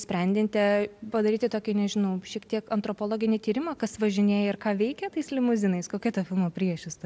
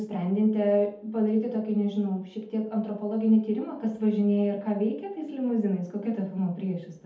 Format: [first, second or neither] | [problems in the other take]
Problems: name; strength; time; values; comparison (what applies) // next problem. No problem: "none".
first | room echo; dies away in 0.6 s